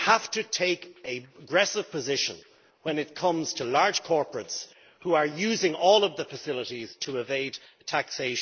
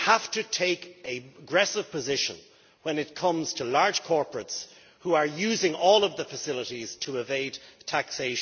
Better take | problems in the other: second | noise reduction (neural mask model Resemble Enhance denoiser)

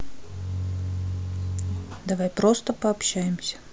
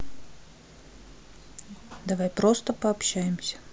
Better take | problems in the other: second | background sound (Bowed string instrument); 3 dB below the speech

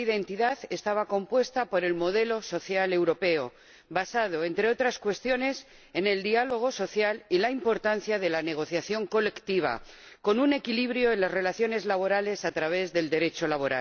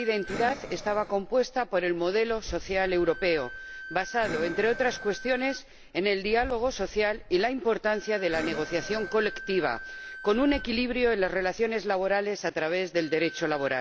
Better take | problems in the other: first | background sound (Breathing + Wind instrument, woodwind instrument); 13 dB below the speech

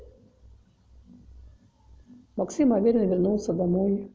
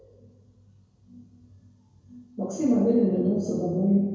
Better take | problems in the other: first | room echo; dies away in 1 s

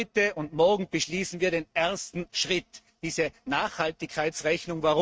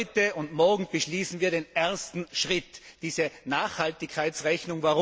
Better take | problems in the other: second | noise reduction (neural mask model RNNoise)

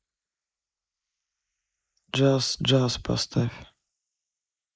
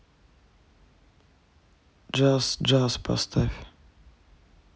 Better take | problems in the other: second | noise reduction (neural mask model Resemble Enhance denoiser)

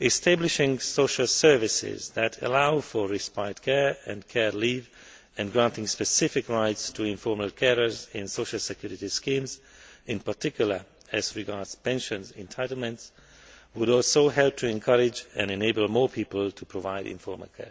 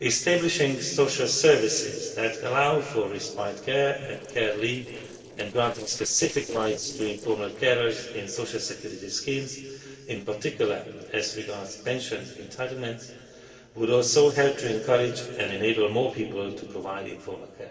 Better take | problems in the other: first | noise reduction (neural separator model SepFormer DNS4)

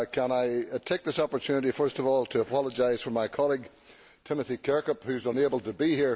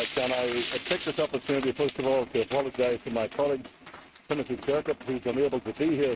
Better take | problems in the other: first | noise reduction (neural mask model RNNoise)

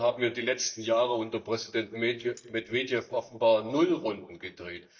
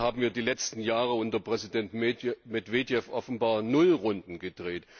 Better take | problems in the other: second | noise reduction (neural mask model DeepFilterNet 3)

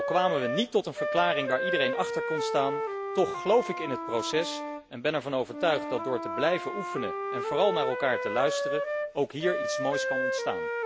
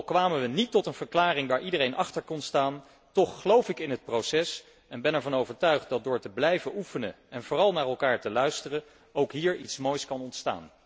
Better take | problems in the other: second | background sound (Wind instrument, woodwind instrument); 2 dB below the speech

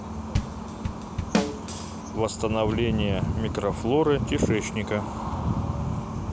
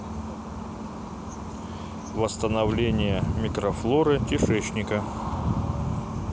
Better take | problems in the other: second | background sound (Drum kit); 3 dB below the speech

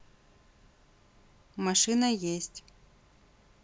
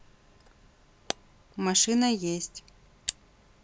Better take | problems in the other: first | background sound (Camera); 13 dB below the speech

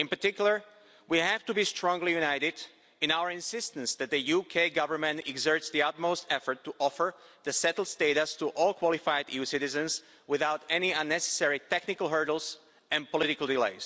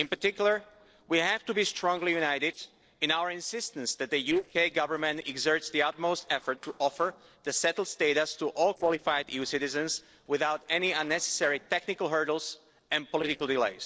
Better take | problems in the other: first | noise reduction (neural separator model SepFormer DNS4)

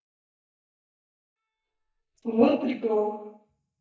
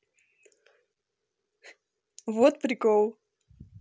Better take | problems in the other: second | noise reduction (neural mask model DeepFilterNet 3)

